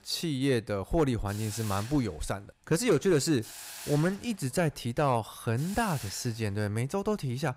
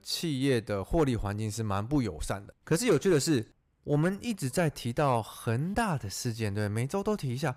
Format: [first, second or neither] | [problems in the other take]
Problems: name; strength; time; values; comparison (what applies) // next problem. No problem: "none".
second | hiss; noticeable; throughout; 15 dB below the speech